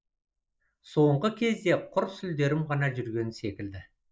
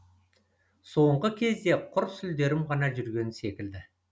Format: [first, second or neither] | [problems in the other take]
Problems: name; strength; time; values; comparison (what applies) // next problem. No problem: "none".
second | noise reduction (neural mask model Resemble Enhance denoiser)